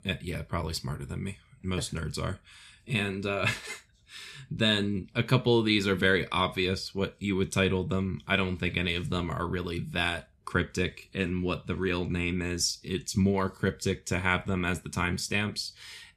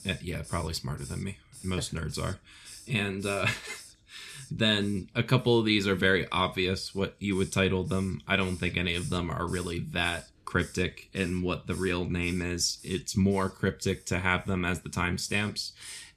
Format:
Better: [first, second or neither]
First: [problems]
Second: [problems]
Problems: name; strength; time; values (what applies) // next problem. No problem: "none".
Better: first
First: none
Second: hiss; noticeable; throughout; 20 dB below the speech